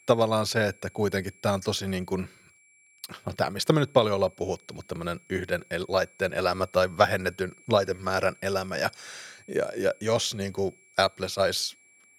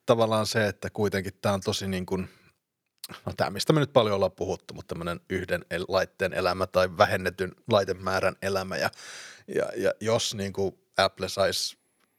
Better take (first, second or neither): second